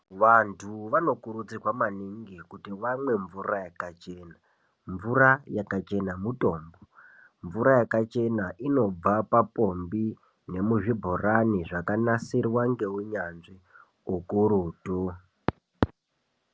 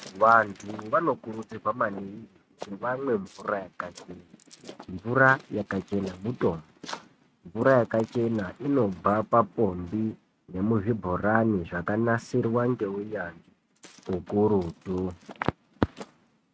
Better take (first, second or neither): first